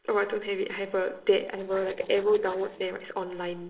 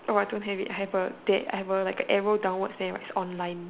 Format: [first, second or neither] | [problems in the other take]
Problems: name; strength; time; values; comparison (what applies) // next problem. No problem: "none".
second | noise reduction (neural separator model SepFormer DNS4)